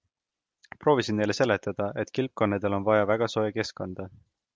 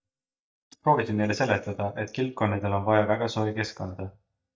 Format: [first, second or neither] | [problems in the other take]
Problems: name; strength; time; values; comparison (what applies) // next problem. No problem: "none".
first | noise reduction (neural mask model DeepFilterNet 3)